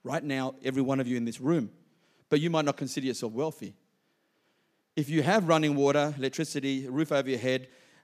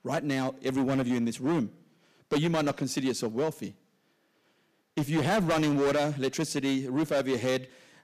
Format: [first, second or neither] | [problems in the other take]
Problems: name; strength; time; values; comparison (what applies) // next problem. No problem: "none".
first | distortion; heavy; 10% of the sound clipped